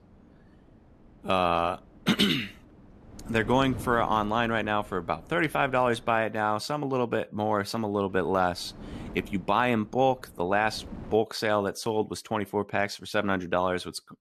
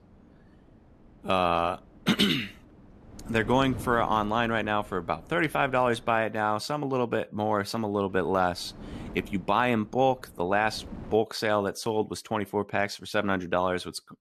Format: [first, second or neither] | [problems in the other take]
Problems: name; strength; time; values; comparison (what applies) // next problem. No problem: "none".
neither | wind noise on the microphone; occasional gusts; until 6 s and from 8 to 11 s; 25 dB below the speech; the same in both